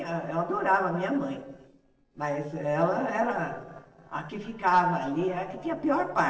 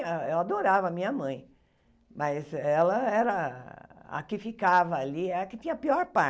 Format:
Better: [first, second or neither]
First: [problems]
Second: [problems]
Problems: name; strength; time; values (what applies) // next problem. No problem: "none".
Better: second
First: noise reduction (neural separator model SepFormer DNS4)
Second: none